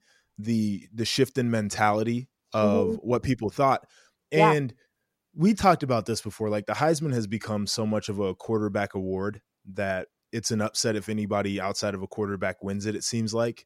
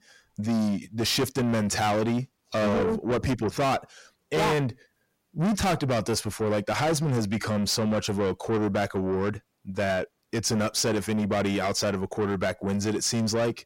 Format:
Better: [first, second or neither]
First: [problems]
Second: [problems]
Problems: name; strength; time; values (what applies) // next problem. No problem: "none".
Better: first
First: none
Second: distortion; heavy; 6 dB below the speech